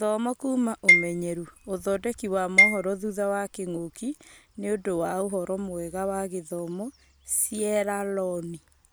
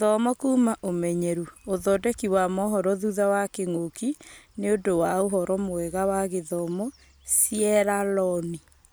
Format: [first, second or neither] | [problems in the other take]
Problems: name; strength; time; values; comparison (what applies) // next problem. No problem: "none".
second | background sound (Marimba, xylophone); 3 dB above the speech